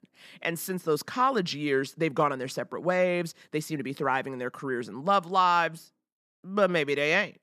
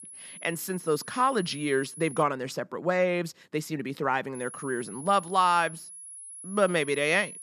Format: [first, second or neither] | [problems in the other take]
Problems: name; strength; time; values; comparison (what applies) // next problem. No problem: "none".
first | high-pitched whine; noticeable; until 2 s and from 4.5 s on; 10.5 kHz, 15 dB below the speech